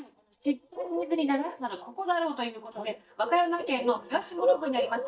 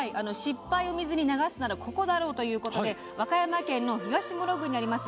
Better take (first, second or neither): second